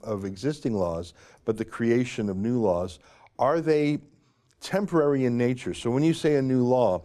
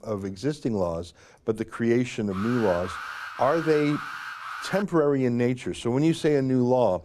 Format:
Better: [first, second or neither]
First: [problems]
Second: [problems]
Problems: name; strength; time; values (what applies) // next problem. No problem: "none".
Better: first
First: none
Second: alarm; noticeable; from 2.5 to 5 s; peak 9 dB below the speech